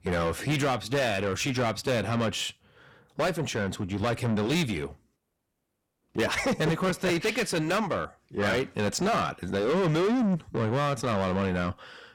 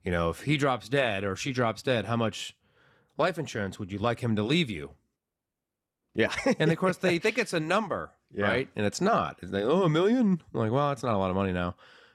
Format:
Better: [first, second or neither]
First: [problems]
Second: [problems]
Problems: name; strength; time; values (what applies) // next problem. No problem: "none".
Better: second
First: distortion; heavy; 7 dB below the speech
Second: none